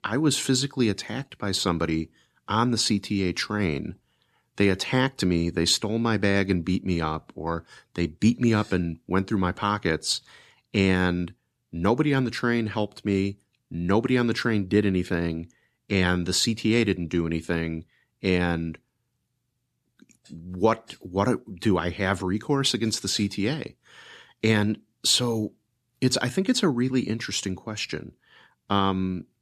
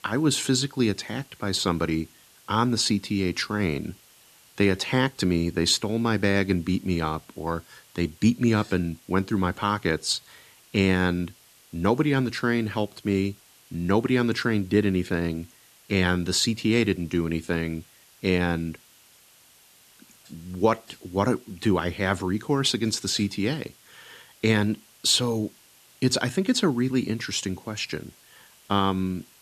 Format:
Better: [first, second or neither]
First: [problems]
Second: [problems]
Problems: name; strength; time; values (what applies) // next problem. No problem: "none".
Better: first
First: none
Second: hiss; faint; throughout; 25 dB below the speech